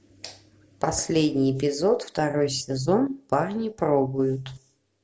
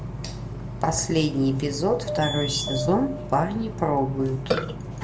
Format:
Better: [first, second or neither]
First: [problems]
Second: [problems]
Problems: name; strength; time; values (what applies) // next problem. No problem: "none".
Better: first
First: none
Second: background sound (Burping, eructation); 5 dB below the speech // room echo; dies away in 0.4 s